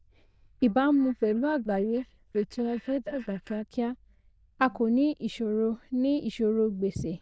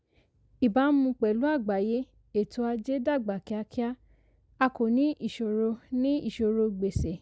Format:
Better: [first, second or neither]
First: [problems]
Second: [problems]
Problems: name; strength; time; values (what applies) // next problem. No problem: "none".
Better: second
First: noise reduction (neural diffusion model UNIVERSE++)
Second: none